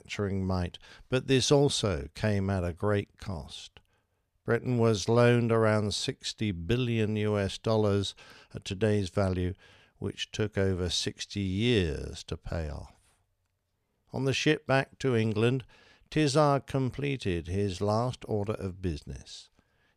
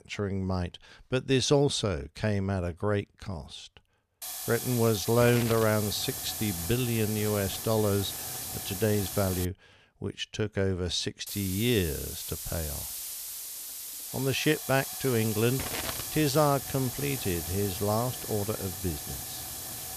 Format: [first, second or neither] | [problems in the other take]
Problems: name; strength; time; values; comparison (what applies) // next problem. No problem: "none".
first | hiss; loud; from 4 to 9.5 s and from 11 s on; 6 dB below the speech